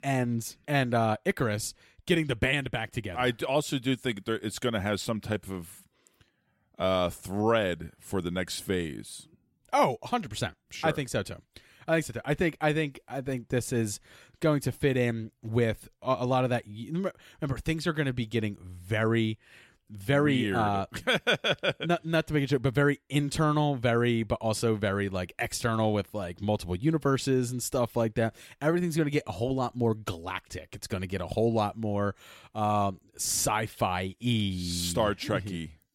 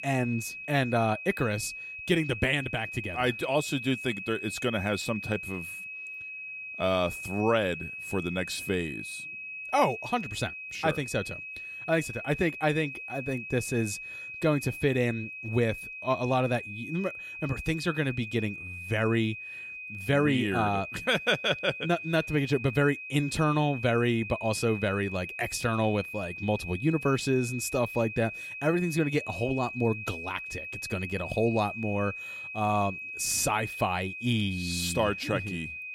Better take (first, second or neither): first